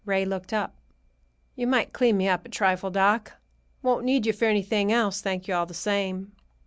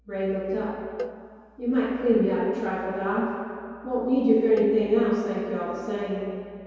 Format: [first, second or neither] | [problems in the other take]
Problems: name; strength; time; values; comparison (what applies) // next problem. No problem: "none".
first | background sound (Cowbell); 16 dB below the speech // room echo; dies away in 2.2 s